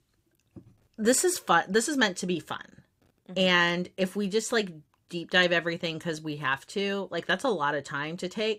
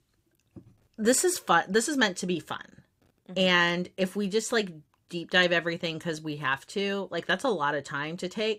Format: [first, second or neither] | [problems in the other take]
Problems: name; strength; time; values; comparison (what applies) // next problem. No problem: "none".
neither | none